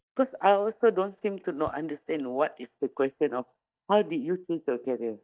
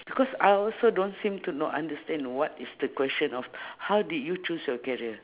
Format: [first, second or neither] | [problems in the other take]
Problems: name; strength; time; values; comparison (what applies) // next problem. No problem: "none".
second | noise reduction (neural mask model DeepFilterNet 3)